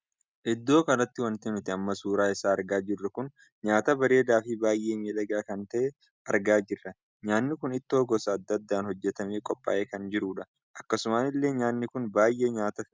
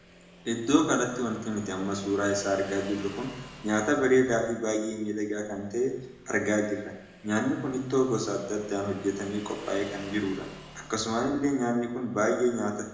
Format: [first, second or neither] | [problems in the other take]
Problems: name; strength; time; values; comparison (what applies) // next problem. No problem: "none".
first | background sound (Motorcycle / Engine); 20 dB below the speech // room echo; dies away in 0.9 s